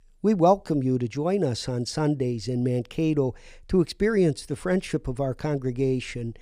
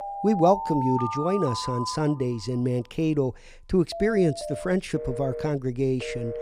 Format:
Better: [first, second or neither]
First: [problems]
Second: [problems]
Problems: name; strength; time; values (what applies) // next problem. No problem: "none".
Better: first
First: none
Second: alarms or sirens; loud; throughout; 7 dB below the speech